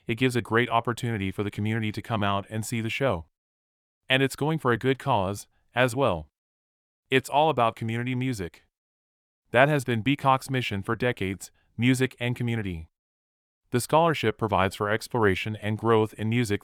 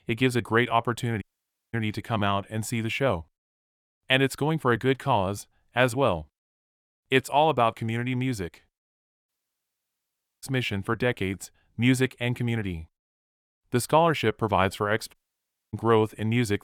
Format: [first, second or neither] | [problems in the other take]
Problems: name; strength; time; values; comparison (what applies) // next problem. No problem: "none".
first | audio cutting out; at 1 s for 0.5 s, at 9.5 s for 1 s and at 15 s for 0.5 s